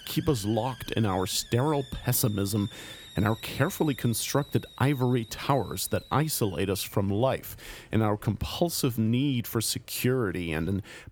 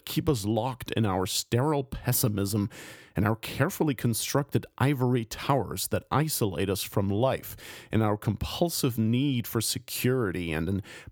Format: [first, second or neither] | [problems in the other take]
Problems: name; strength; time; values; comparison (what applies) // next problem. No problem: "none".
second | hiss; noticeable; throughout; 20 dB below the speech